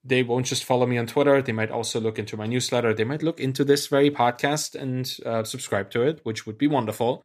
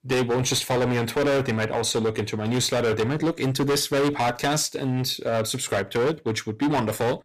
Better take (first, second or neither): first